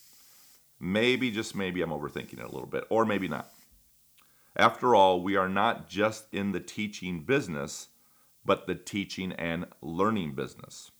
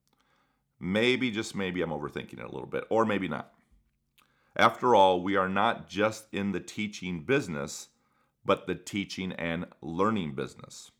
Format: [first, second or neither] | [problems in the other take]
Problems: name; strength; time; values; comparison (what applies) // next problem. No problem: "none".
second | hiss; faint; throughout; 30 dB below the speech